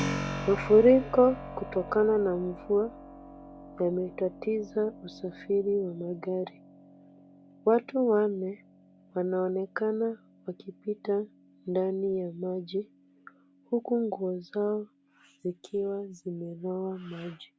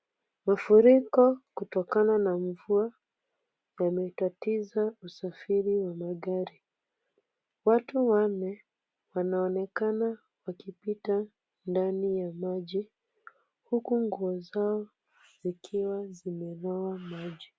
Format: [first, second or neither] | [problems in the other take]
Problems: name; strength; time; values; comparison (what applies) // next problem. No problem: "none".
second | background sound (Keyboard (musical)); 14 dB below the speech